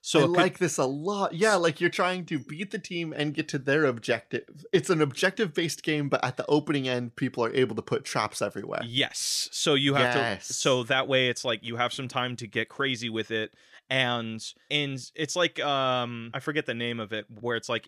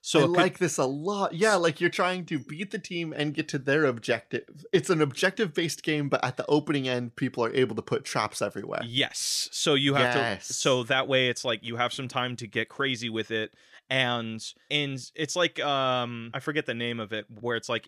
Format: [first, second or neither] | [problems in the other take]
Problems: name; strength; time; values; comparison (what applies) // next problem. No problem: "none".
neither | none